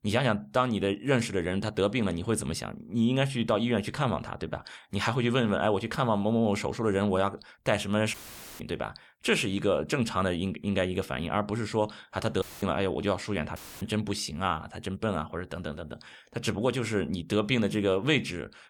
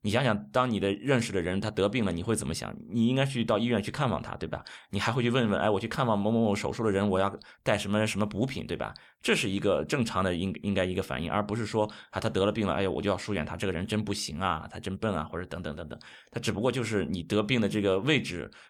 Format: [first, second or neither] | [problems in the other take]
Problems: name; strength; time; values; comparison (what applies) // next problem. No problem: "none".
second | audio cutting out; filled with static; at 8 s, at 12 s and at 14 s